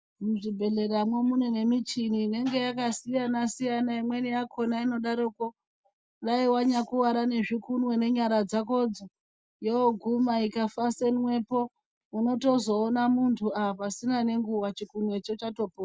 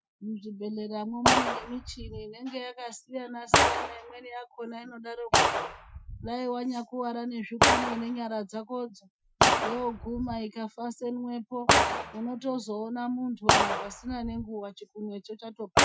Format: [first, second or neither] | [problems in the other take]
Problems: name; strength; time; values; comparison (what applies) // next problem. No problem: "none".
first | noise reduction (classical method Wiener filter)